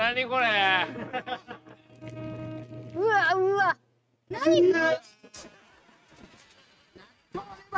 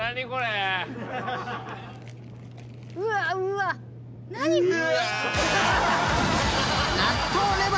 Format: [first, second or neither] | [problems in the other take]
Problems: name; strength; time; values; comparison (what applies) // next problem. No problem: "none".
second | noise reduction (neural mask model RNNoise)